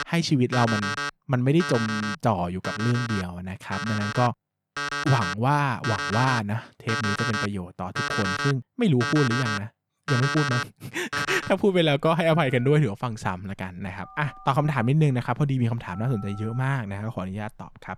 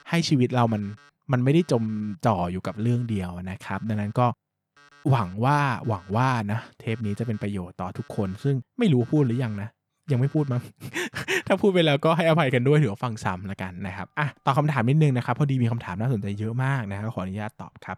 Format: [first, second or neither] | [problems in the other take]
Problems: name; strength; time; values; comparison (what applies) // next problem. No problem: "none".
second | alarms or sirens; loud; throughout; 4 dB below the speech; faint in the second